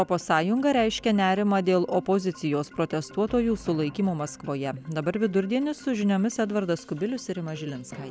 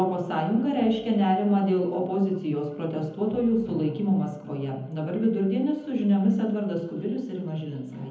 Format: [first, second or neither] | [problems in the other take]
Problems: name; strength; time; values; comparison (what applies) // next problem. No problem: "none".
first | room echo; dies away in 1 s